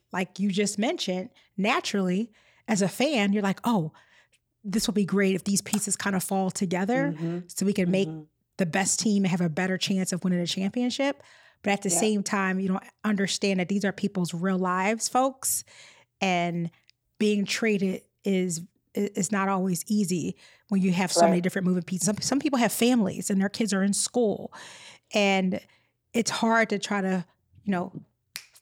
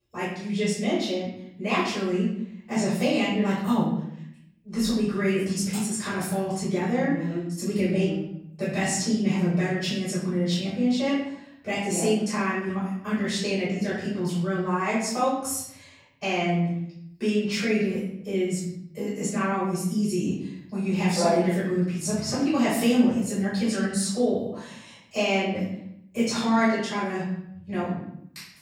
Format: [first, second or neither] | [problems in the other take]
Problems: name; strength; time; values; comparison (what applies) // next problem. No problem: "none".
first | off-mic speech; far // room echo; noticeable; dies away in 0.7 s